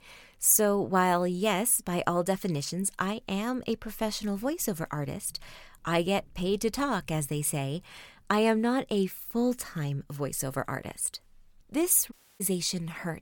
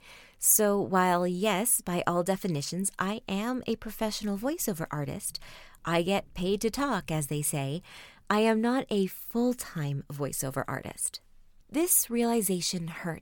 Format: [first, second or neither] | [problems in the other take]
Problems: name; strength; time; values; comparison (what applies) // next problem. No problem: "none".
second | audio cutting out; at 12 s